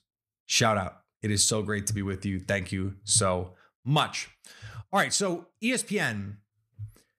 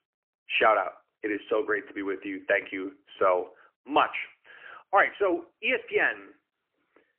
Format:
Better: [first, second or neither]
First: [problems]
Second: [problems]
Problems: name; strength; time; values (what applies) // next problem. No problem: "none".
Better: first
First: none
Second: phone-call audio; poor line; nothing above 3 kHz